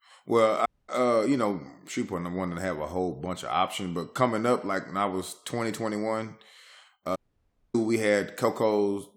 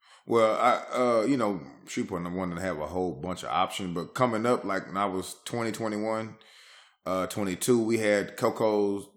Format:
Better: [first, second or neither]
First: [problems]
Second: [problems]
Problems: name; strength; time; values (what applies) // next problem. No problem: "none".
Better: second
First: audio cutting out; at 0.5 s and at 7 s for 0.5 s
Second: none